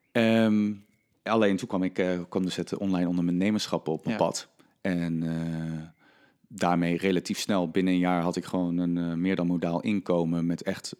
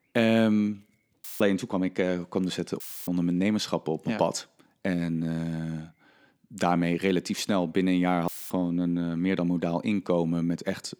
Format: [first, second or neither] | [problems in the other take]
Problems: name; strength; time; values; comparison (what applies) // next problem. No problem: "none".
first | audio cutting out; filled with static; at 1 s, at 3 s and at 8.5 s